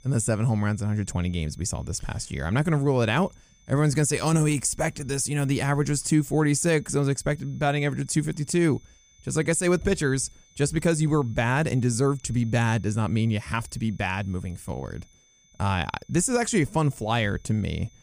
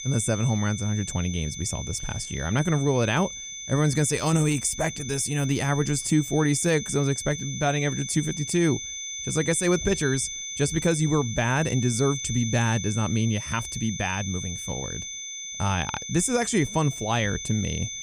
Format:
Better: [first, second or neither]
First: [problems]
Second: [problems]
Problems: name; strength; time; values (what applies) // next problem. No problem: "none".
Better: first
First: high-pitched whine; faint; throughout; 6 kHz, 35 dB below the speech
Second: high-pitched whine; loud; throughout; 6 kHz, 7 dB below the speech